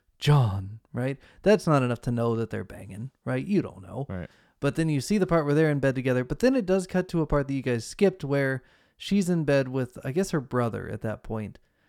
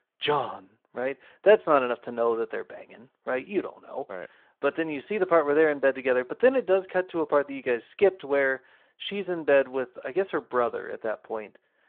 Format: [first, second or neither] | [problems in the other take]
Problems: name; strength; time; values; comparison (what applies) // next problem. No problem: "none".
first | phone-call audio